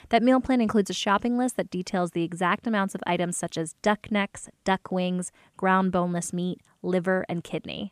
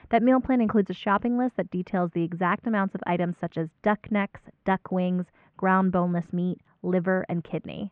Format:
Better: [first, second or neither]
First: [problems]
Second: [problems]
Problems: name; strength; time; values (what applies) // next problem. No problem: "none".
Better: first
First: none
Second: muffled; very; fading above 2 kHz